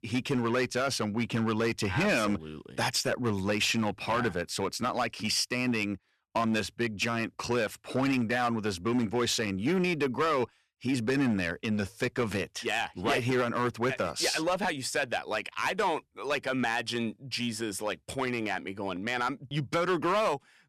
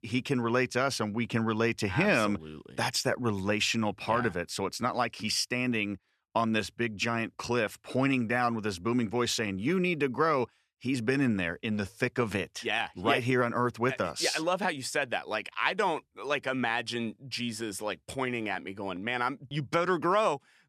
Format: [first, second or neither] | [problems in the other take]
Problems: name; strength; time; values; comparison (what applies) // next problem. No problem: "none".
second | distortion; slight; 6% of the sound clipped